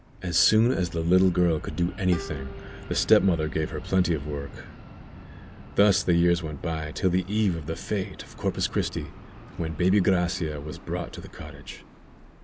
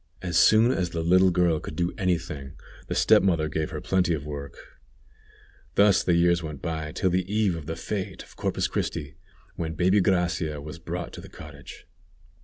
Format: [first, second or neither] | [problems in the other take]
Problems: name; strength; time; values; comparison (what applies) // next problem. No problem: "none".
second | background sound (Plucked string instrument + Fixed-wing aircraft, airplane); 17 dB below the speech